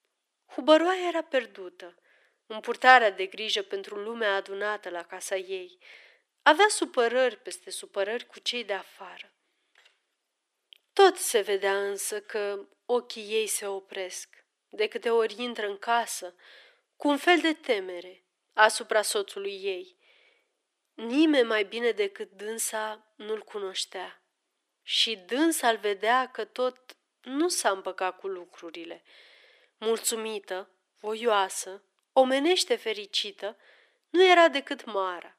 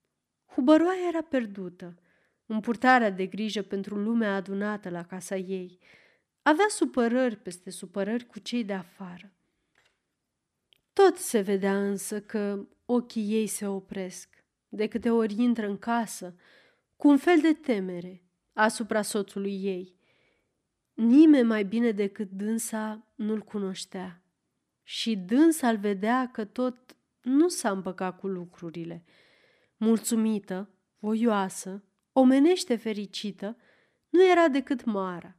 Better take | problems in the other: second | thin; very; fading below 400 Hz

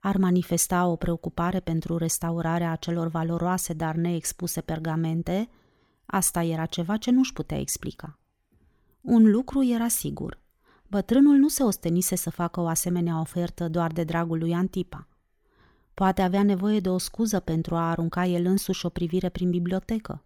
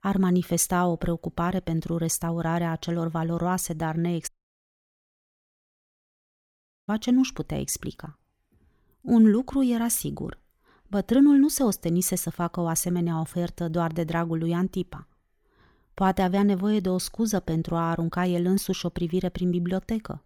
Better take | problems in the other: first | audio cutting out; at 4.5 s for 2.5 s

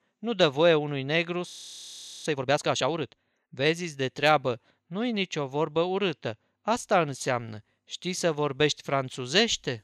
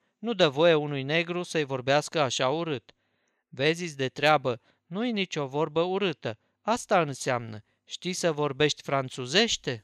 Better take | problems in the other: second | audio freezing; at 1.5 s for 0.5 s

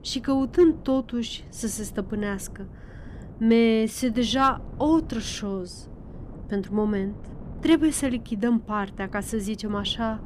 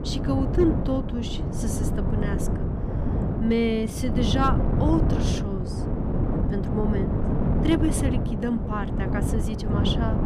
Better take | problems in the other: first | wind noise on the microphone; heavy; 3 dB below the speech; occasional gusts in the first

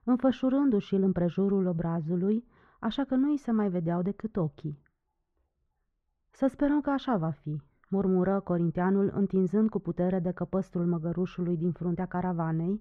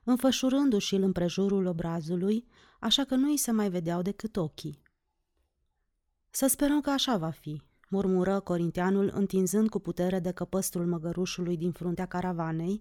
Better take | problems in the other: second | muffled; very; fading above 1.5 kHz

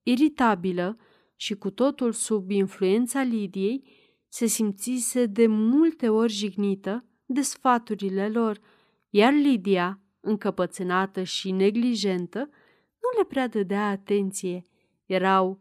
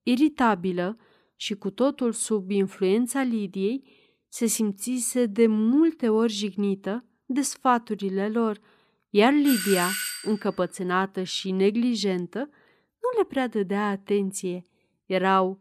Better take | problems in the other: first | doorbell; noticeable; at 9.5 s; peak 2 dB below the speech

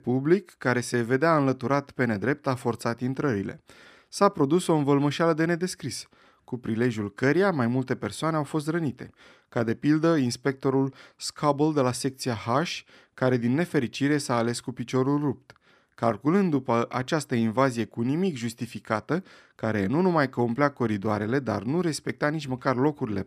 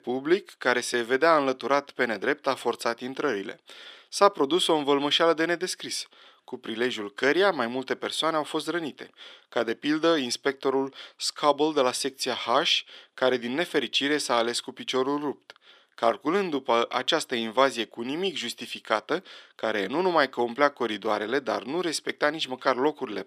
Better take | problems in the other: first | thin; somewhat; fading below 450 Hz

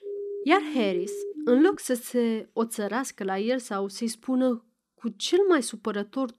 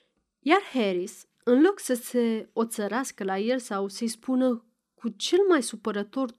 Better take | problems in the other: second | siren; noticeable; until 2 s; peak 8 dB below the speech

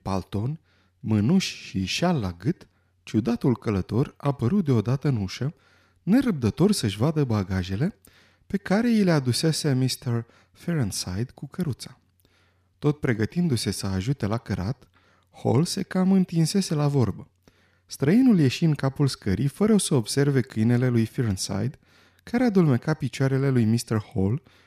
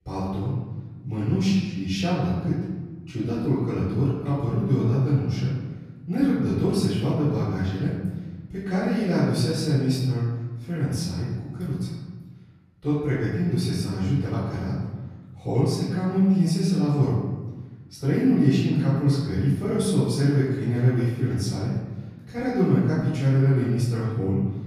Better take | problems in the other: first | off-mic speech; far // room echo; strong; dies away in 1.3 s

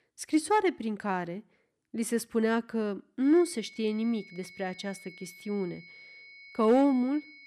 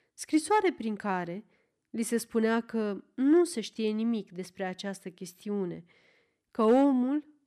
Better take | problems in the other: second | high-pitched whine; faint; from 3 s on; 2 kHz, 20 dB below the speech

